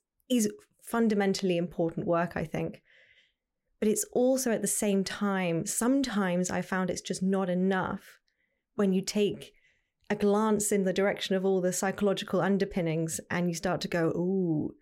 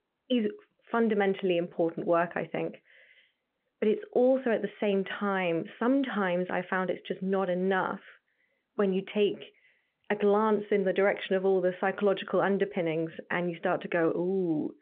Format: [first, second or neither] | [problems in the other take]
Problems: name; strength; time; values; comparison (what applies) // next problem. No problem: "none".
first | phone-call audio